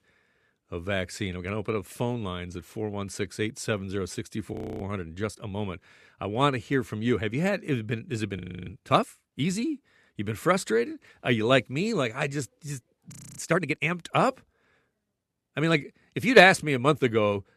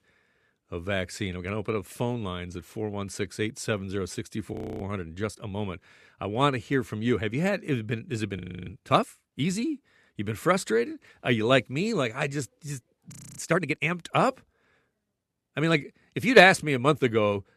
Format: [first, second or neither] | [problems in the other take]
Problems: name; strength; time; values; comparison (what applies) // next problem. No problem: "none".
neither | audio freezing; at 4.5 s, at 8.5 s and at 13 s; the same in both